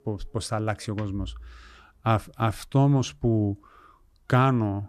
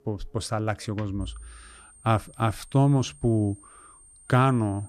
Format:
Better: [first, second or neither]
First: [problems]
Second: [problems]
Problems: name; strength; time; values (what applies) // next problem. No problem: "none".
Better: first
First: none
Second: high-pitched whine; faint; from 1 s on; 8.5 kHz, 25 dB below the speech